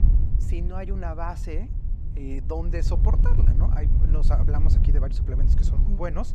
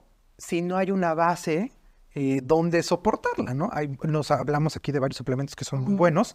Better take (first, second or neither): second